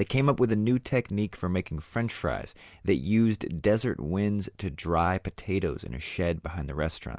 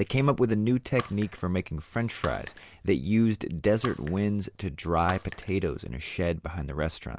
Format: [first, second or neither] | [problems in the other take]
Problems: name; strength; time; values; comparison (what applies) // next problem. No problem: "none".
first | background sound (Shatter); 16 dB below the speech